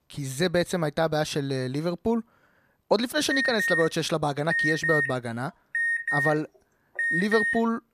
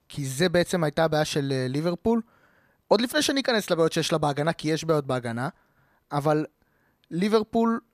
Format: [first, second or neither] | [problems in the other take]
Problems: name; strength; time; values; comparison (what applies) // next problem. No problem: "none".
second | alarm; loud; from 3.5 s on; peak 3 dB above the speech